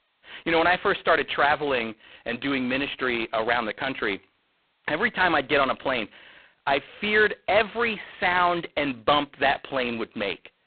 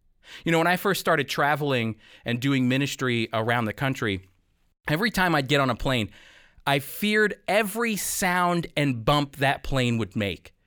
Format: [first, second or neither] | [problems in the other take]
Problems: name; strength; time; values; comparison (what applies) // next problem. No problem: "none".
second | phone-call audio; poor line; nothing above 4 kHz